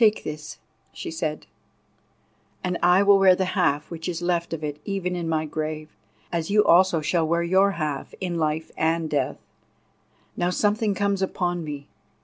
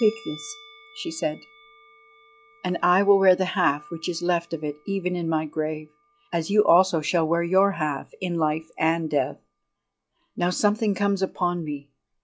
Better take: first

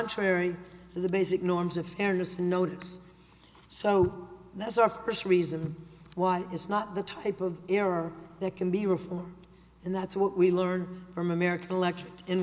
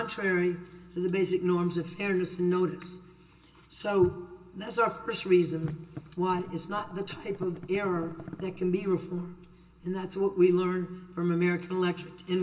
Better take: first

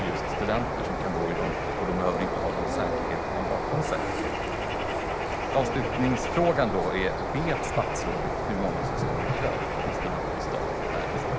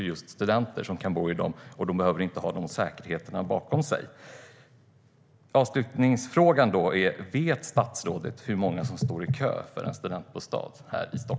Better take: second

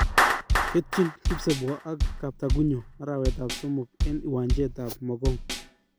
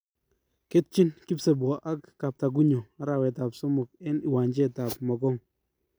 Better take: second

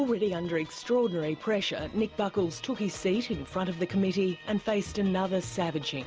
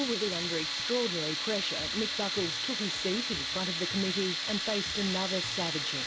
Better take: first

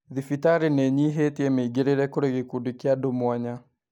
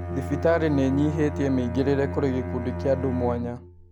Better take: first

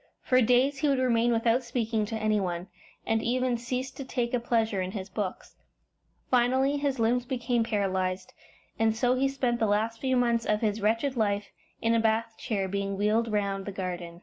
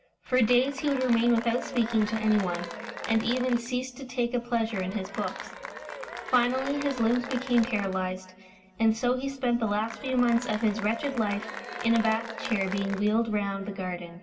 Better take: first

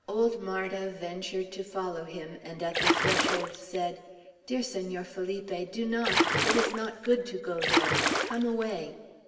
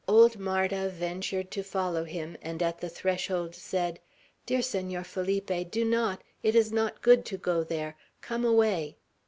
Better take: second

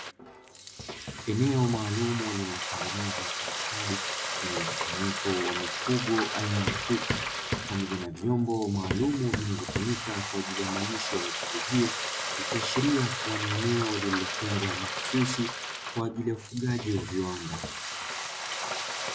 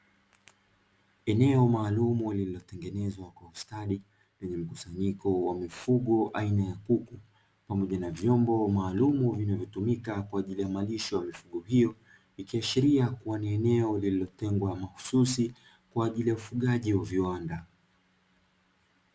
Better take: second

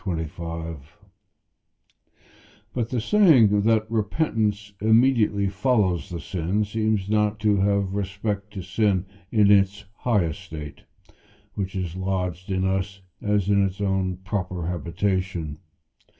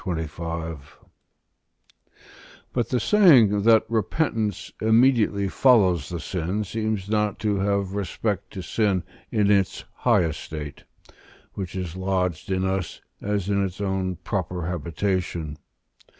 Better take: second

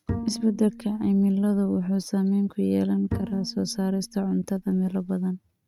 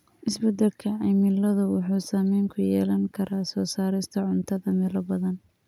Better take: second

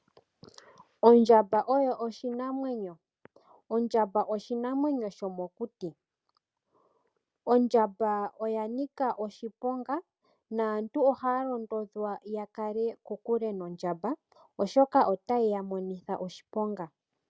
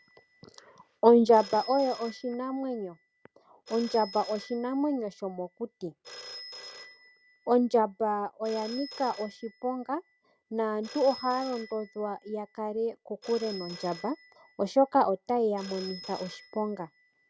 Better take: first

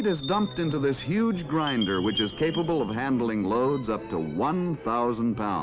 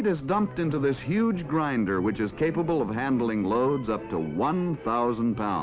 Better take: second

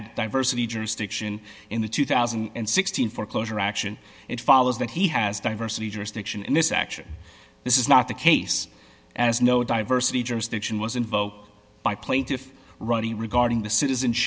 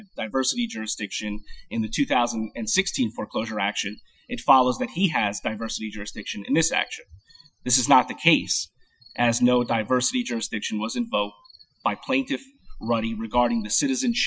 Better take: first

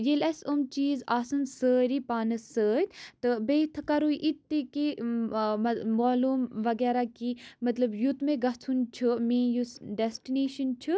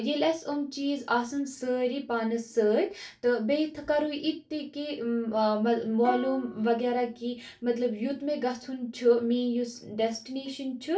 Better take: first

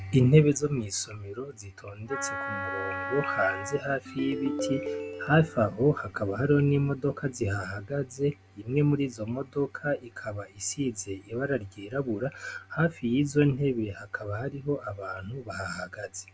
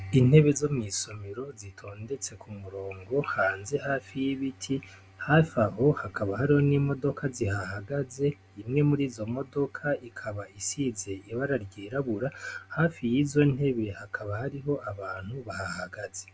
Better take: second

